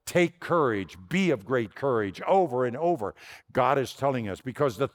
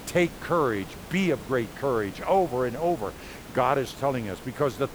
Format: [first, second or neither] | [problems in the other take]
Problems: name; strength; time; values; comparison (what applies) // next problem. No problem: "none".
first | hiss; noticeable; throughout; 15 dB below the speech